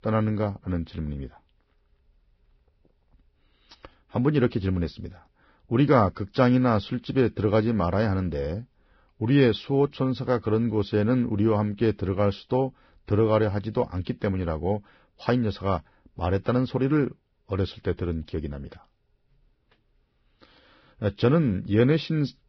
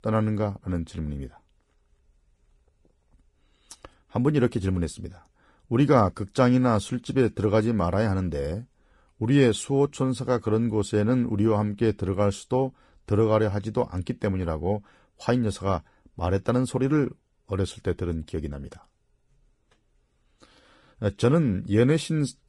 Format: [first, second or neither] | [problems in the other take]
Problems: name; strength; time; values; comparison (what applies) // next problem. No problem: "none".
second | garbled, watery; badly; nothing above 5.5 kHz; slightly in the second